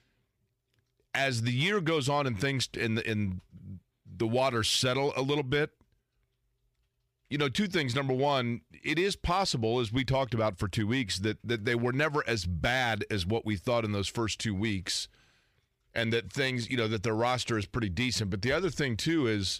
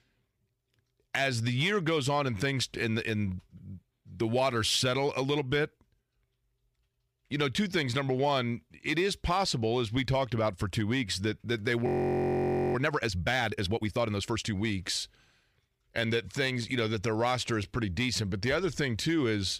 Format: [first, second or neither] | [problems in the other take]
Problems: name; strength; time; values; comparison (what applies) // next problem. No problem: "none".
first | audio freezing; at 12 s for 1 s